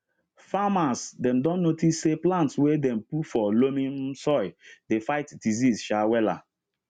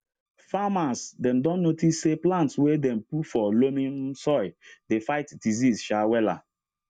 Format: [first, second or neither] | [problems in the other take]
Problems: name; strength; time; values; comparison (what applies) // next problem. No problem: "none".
first | noise reduction (neural mask model DeepFilterNet 3)